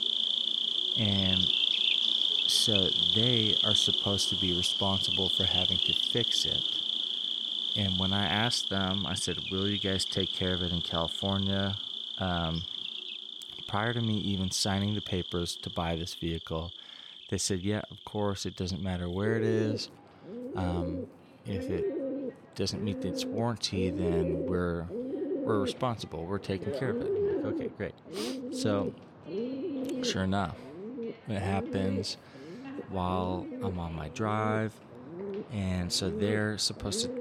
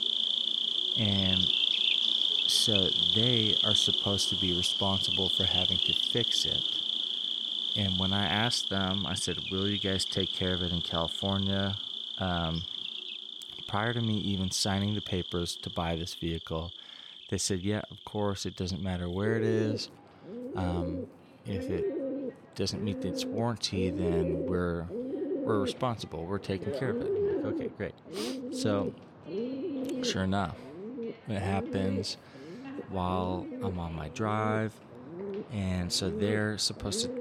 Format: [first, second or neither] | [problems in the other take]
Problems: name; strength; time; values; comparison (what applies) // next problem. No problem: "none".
neither | animal sounds; very loud; throughout; 3 dB above the speech; the same in both